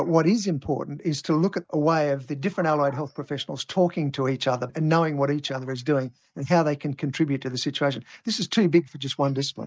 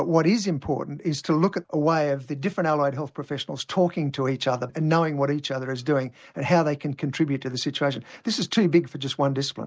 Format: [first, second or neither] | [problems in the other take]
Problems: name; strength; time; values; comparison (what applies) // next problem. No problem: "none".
second | noise reduction (neural mask model DeepFilterNet 3)